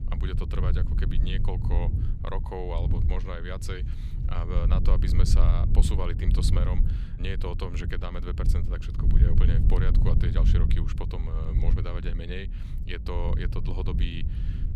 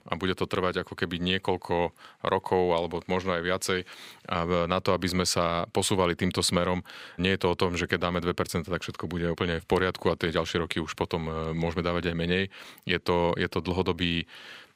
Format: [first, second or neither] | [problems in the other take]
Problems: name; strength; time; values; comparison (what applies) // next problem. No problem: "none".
second | low rumble; loud; throughout; 5 dB below the speech